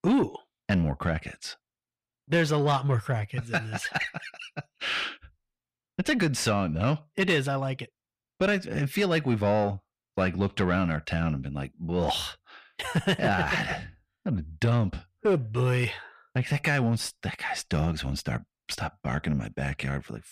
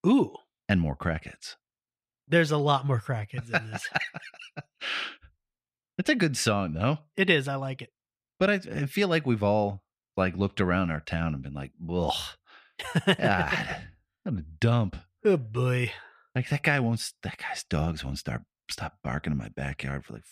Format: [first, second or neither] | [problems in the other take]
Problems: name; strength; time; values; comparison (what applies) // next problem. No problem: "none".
second | distortion; slight; 10 dB below the speech